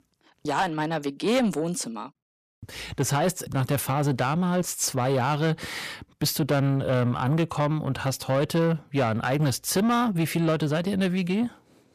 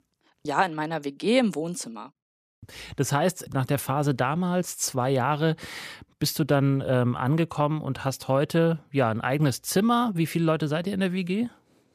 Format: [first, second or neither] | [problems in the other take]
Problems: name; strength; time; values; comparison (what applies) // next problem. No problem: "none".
second | distortion; slight; 10 dB below the speech